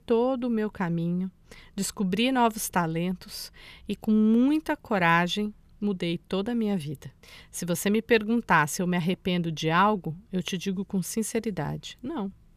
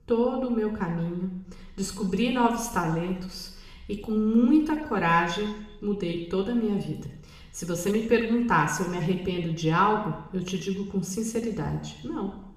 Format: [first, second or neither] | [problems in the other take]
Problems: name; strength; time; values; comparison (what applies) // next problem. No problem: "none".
first | room echo; noticeable; dies away in 0.8 s // off-mic speech; somewhat distant